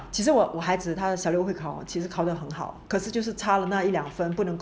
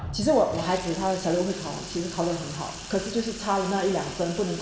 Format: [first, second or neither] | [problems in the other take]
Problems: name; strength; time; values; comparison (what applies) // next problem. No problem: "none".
first | background sound (Sink (filling or washing) / Water tap, faucet); 12 dB below the speech // room echo; dies away in 1.2 s